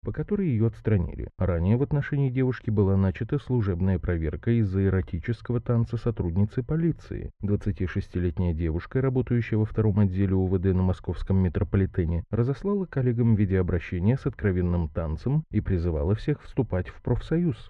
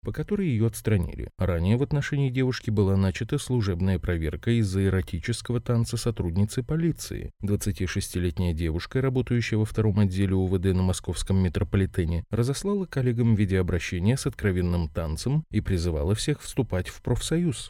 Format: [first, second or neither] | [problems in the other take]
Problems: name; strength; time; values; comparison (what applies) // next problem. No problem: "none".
second | muffled; very; fading above 1.5 kHz